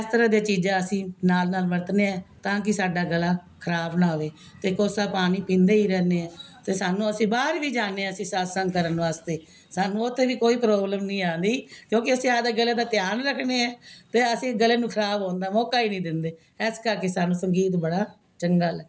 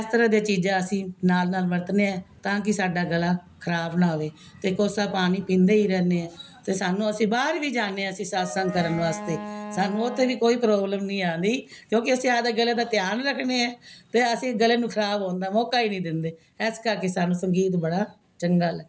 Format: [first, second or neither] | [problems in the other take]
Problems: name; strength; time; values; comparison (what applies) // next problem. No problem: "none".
first | background sound (Wind instrument, woodwind instrument); 12 dB below the speech